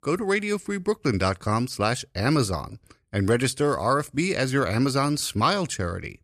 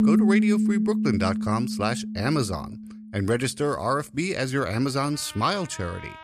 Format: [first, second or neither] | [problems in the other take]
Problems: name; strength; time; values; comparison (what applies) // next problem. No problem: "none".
first | background music; very loud; throughout; 2 dB above the speech